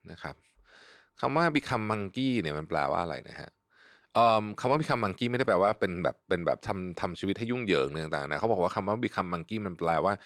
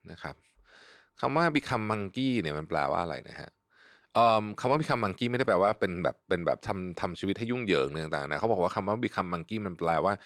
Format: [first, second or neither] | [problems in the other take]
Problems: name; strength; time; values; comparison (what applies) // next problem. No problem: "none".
neither | none